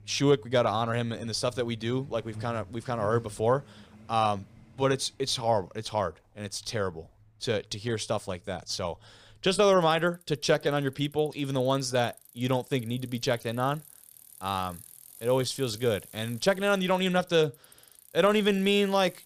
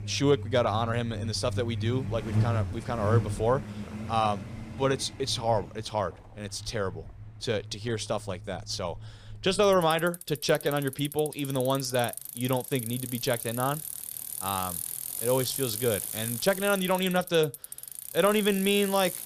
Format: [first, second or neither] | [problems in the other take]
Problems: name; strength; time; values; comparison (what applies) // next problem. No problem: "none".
first | traffic noise; loud; throughout; 7 dB below the speech; faint in the first